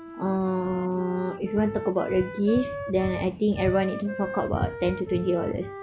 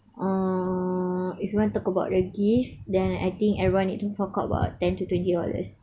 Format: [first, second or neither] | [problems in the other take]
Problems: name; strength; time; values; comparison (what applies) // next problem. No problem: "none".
second | background sound (Wind instrument, woodwind instrument); 11 dB below the speech